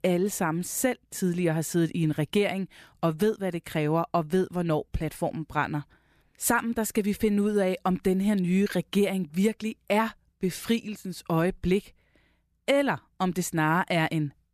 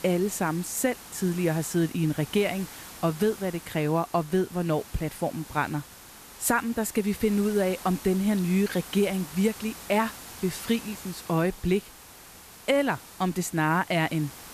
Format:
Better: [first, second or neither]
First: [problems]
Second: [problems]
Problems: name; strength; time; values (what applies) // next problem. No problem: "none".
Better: first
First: none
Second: hiss; noticeable; throughout; 15 dB below the speech